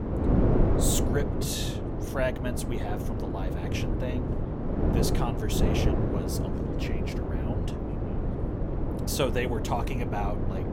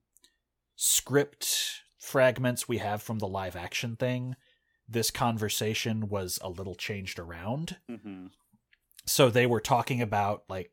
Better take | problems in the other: second | wind noise on the microphone; heavy; 1 dB below the speech

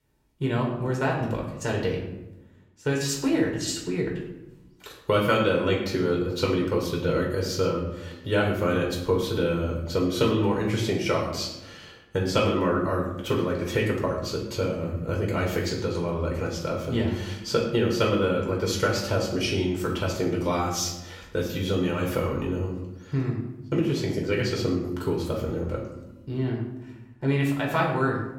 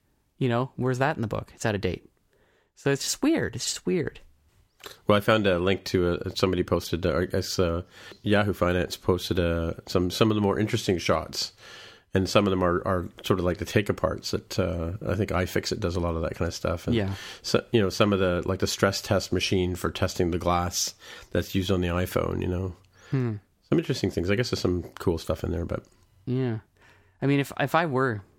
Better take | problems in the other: second | off-mic speech; far // room echo; noticeable; dies away in 0.8 s

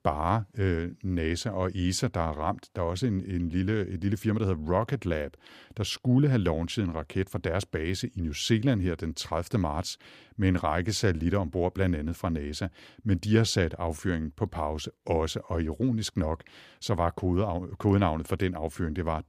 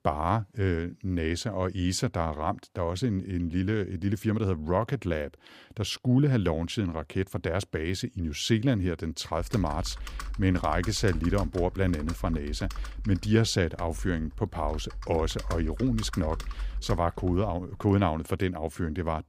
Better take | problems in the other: first | keyboard typing; noticeable; from 9.5 to 18 s; peak 8 dB below the speech

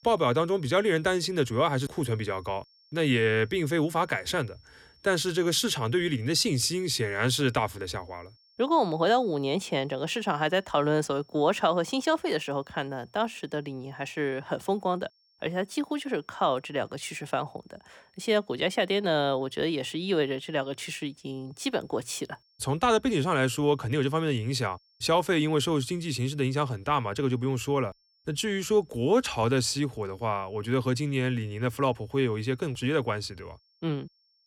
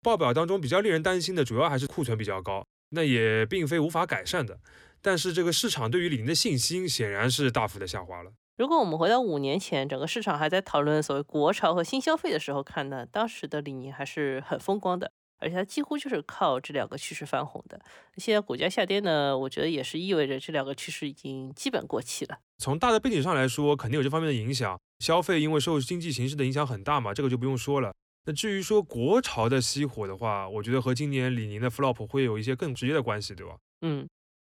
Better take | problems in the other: second | high-pitched whine; faint; throughout; 5.5 kHz, 35 dB below the speech

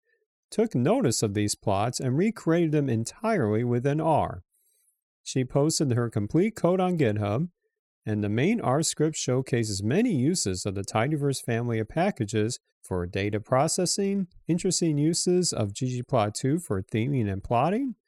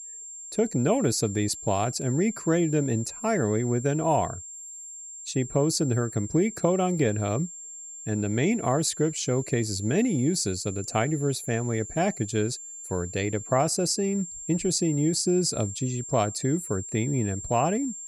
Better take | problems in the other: first | high-pitched whine; noticeable; throughout; 7.5 kHz, 10 dB below the speech

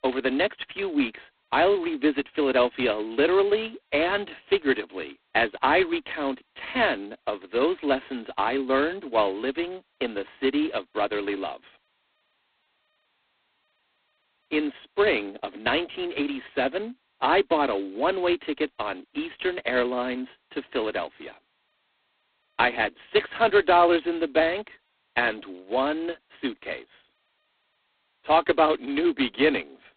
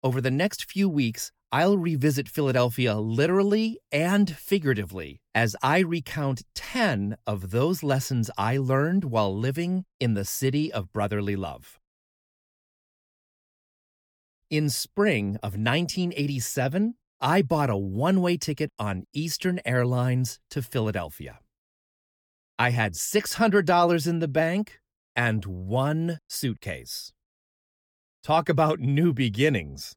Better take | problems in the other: second | phone-call audio; poor line; nothing above 4 kHz

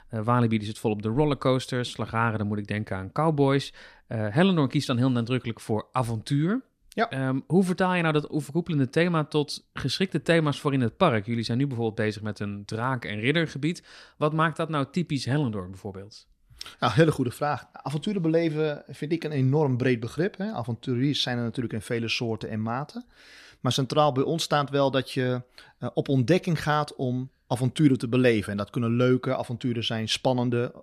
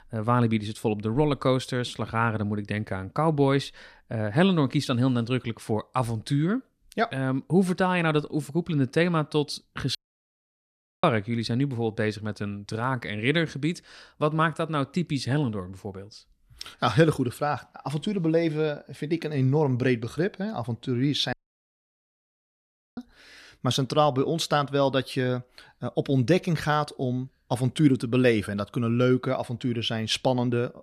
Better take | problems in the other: first | audio cutting out; at 10 s for 1 s and at 21 s for 1.5 s

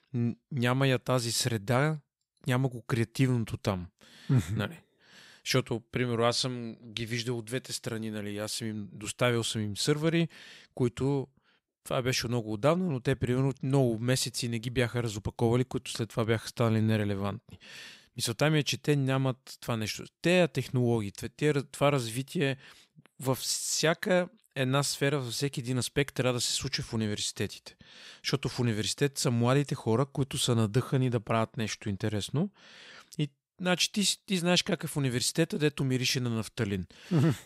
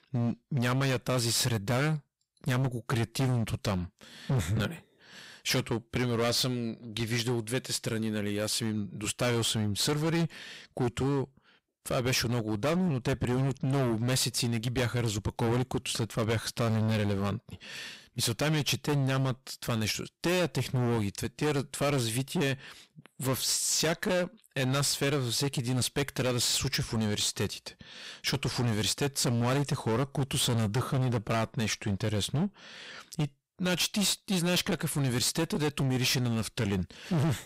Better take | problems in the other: first | distortion; heavy; 18% of the sound clipped

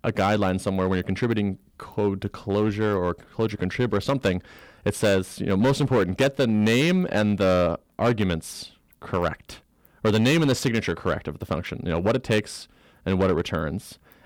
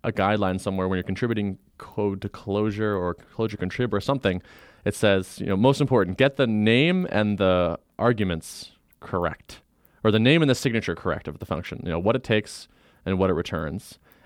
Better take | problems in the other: second | distortion; slight; 6% of the sound clipped

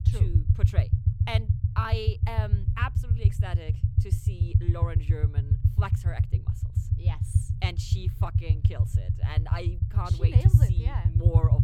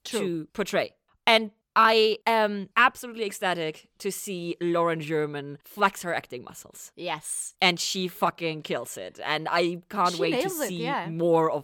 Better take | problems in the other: second | low rumble; loud; throughout; 2 dB below the speech

